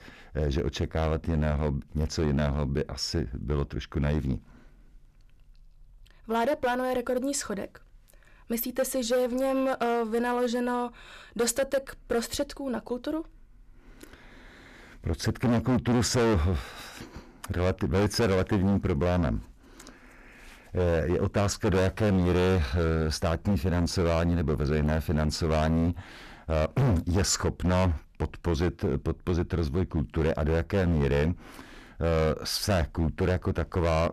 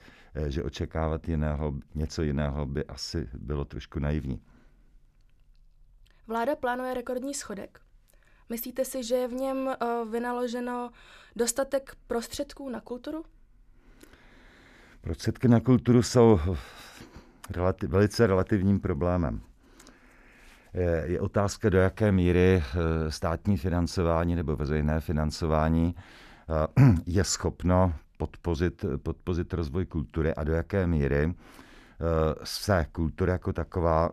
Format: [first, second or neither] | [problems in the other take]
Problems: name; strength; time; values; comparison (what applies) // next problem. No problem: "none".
second | distortion; heavy; 12% of the sound clipped